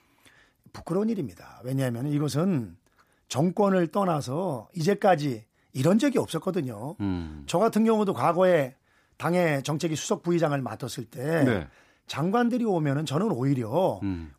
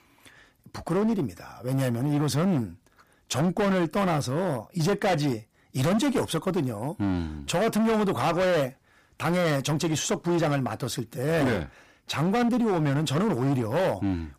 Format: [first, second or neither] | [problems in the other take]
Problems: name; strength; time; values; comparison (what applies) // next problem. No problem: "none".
first | distortion; heavy; 18% of the sound clipped